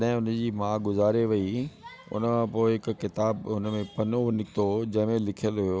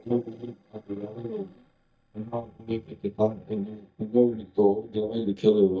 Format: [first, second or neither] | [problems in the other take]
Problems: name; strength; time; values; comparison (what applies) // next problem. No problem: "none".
first | noise reduction (neural mask model DeepFilterNet 3)